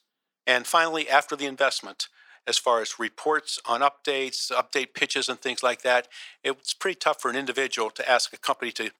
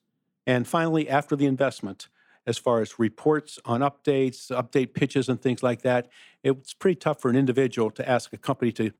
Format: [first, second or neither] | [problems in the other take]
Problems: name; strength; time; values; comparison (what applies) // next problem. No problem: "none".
second | thin; very; fading below 850 Hz